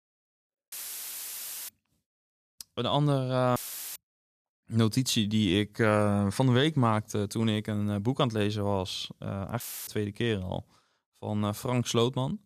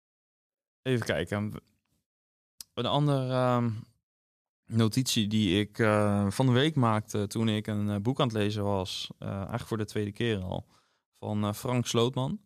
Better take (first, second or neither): second